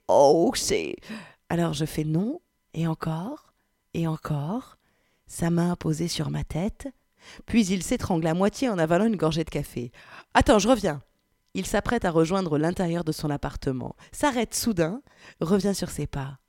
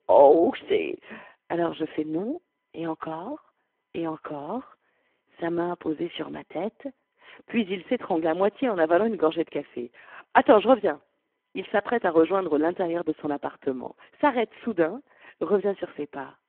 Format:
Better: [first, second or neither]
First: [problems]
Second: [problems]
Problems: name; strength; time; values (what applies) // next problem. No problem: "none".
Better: first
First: none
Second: phone-call audio; poor line